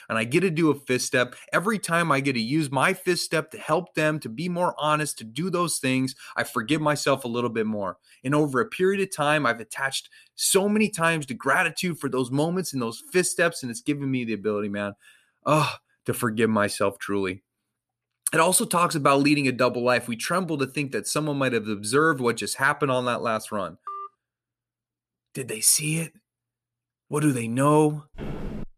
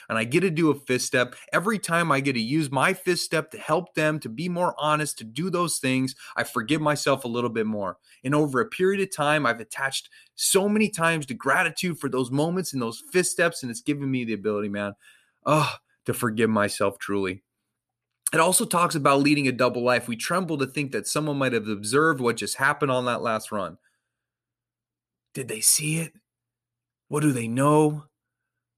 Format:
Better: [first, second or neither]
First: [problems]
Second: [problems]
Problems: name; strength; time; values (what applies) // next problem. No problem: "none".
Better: second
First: phone ringing; faint; at 24 s; peak 15 dB below the speech // footsteps; faint; at 28 s; peak 10 dB below the speech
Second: none